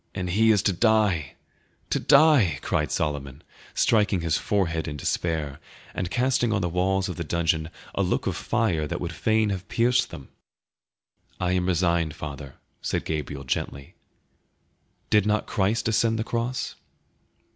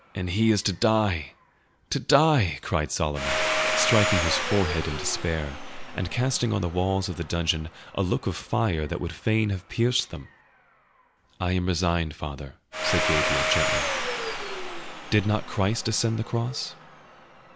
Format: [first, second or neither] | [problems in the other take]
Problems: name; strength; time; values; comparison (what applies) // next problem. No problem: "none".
first | background sound (Domestic sounds, home sounds); 5 dB below the speech